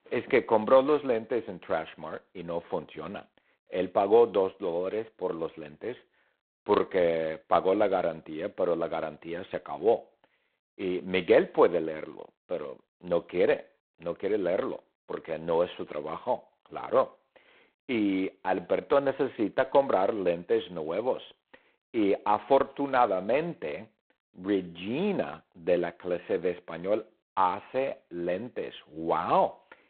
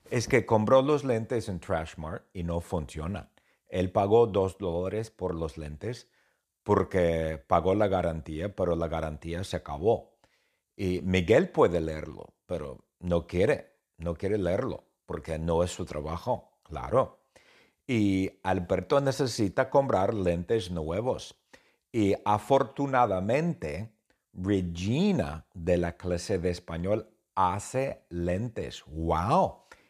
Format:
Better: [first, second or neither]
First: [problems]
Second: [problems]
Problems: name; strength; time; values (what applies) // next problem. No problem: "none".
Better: second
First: phone-call audio; poor line; nothing above 4 kHz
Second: none